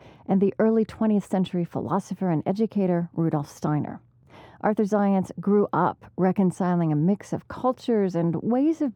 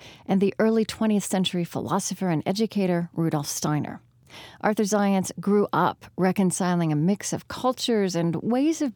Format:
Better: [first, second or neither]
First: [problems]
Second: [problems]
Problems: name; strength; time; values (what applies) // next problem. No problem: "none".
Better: second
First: muffled; very; fading above 2 kHz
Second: none